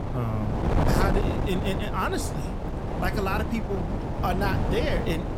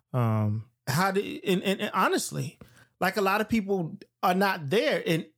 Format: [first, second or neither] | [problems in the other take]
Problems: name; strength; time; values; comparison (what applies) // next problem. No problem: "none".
second | wind noise on the microphone; heavy; 2 dB below the speech